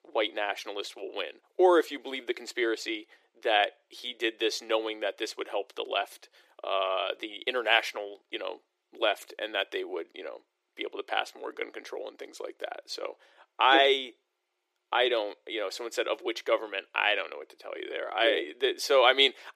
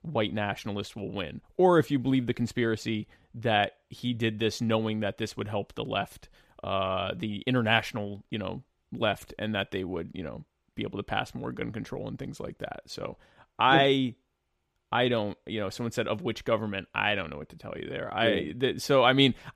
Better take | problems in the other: second | thin; very; fading below 350 Hz

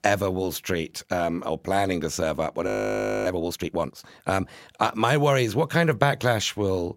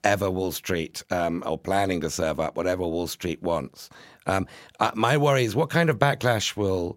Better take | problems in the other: second | audio freezing; at 2.5 s for 0.5 s

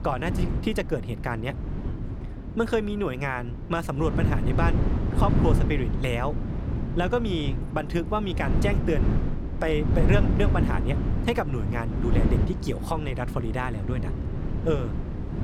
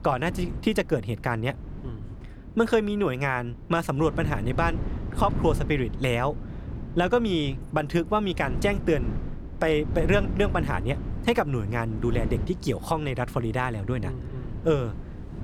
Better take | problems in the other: second | wind noise on the microphone; heavy; 7 dB below the speech; occasional gusts in the second

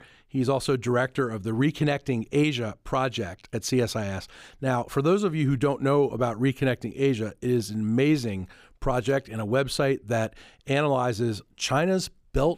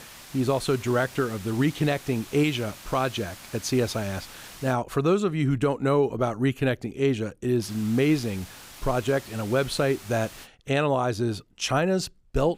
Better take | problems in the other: first | hiss; noticeable; until 4.5 s and from 7.5 to 10 s; 15 dB below the speech

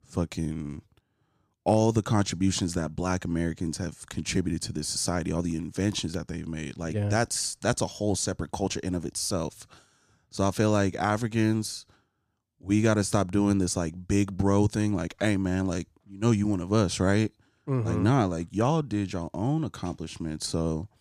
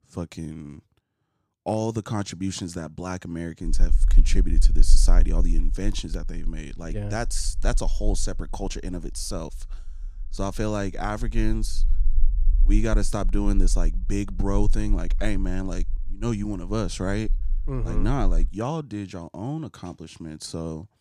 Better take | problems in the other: first | low rumble; faint; from 3.5 to 18 s; 20 dB below the speech

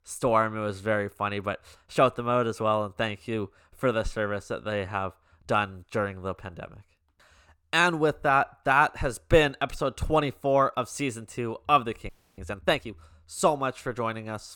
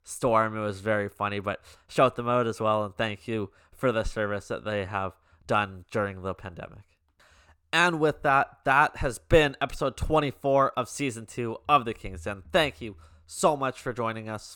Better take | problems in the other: second | audio freezing; at 12 s

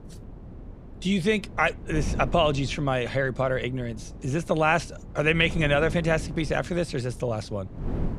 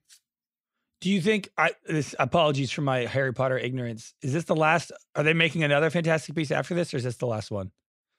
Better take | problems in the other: second | wind noise on the microphone; occasional gusts; 20 dB below the speech

